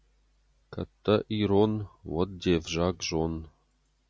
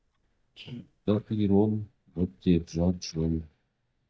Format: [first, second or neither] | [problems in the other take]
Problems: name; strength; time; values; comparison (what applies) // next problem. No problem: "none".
first | noise reduction (neural mask model DeepFilterNet 3)